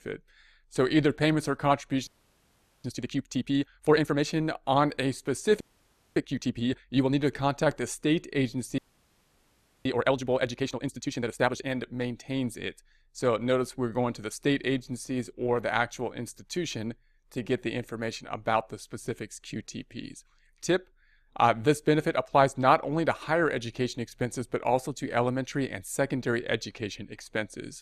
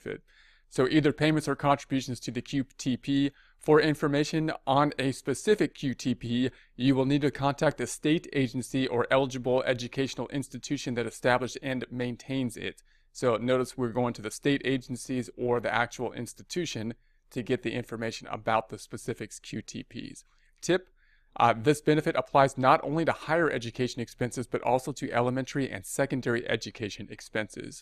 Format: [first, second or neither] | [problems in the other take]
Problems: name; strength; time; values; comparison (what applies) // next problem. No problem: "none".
second | audio freezing; at 2 s for 1 s, at 5.5 s for 0.5 s and at 9 s for 1 s